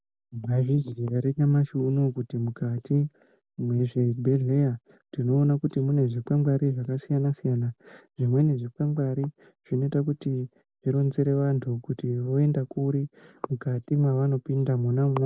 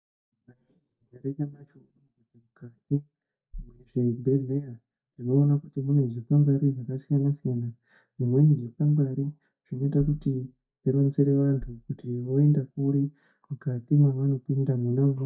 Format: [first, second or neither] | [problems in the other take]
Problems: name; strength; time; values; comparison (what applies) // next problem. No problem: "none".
first | noise reduction (neural mask model DeepFilterNet 3)